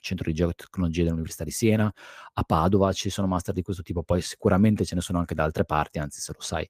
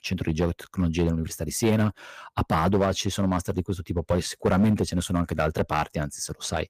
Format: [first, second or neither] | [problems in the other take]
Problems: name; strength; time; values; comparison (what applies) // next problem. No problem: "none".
first | distortion; slight; 4% of the sound clipped